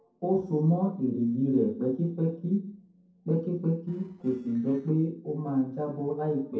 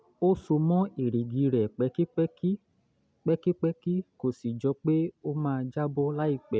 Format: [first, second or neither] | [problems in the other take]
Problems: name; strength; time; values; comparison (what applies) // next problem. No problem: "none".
second | noise reduction (neural separator model SepFormer DNS4)